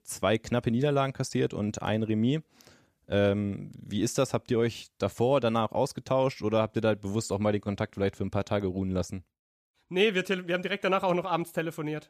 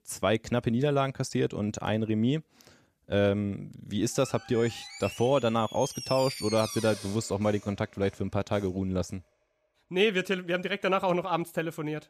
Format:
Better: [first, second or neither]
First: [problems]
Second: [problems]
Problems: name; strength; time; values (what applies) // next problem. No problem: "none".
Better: first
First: none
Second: door banging; noticeable; from 4 to 8.5 s; peak 7 dB below the speech